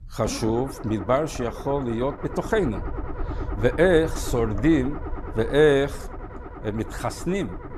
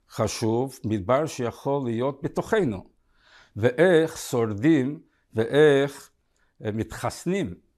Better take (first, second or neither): second